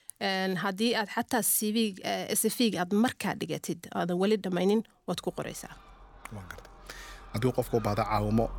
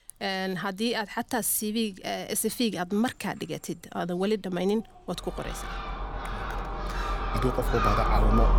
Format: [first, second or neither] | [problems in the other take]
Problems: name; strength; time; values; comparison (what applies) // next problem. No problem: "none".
first | animal sounds; loud; throughout; 1 dB below the speech; faint in the first